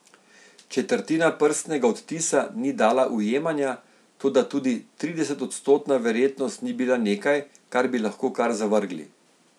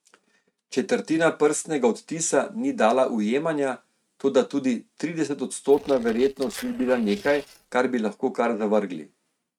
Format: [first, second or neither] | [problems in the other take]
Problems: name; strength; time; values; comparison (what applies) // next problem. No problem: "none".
first | noise reduction (neural mask model RNNoise)